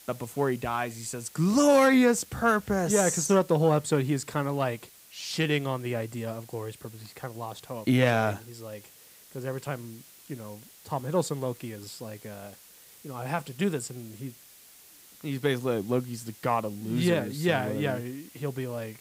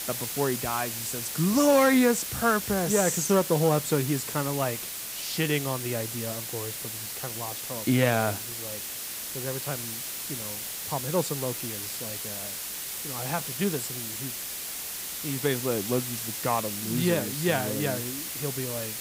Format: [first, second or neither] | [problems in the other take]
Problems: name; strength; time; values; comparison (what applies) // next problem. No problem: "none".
first | hiss; loud; throughout; 5 dB below the speech; faint in the first